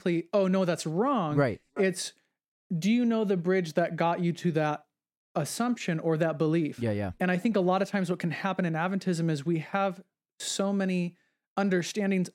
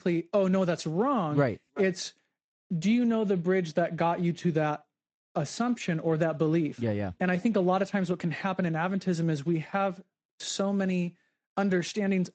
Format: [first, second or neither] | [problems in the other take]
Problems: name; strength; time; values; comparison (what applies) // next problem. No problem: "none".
first | garbled, watery; slightly; nothing above 8 kHz